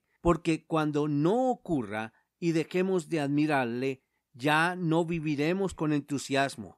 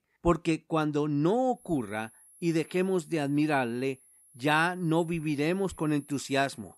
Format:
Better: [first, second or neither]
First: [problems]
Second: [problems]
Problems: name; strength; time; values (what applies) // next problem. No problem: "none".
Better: first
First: none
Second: high-pitched whine; faint; from 1.5 s on; 11 kHz, 25 dB below the speech